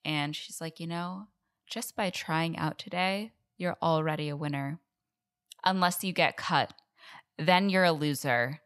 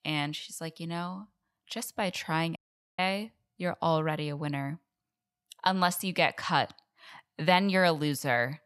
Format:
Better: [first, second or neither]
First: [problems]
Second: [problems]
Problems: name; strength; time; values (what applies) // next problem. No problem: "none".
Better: first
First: none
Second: audio cutting out; at 2.5 s